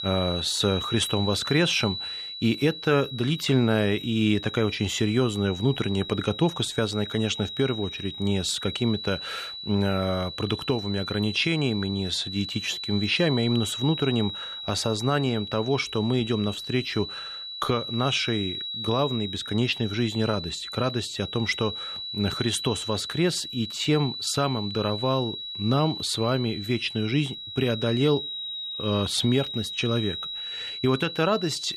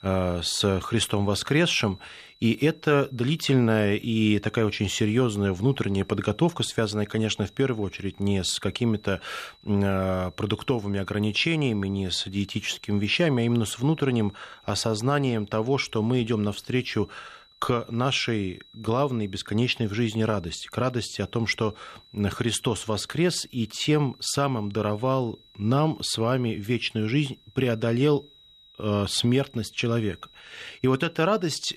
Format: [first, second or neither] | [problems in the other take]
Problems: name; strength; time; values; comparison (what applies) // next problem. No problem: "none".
second | high-pitched whine; loud; throughout; 4 kHz, 7 dB below the speech; faint in the second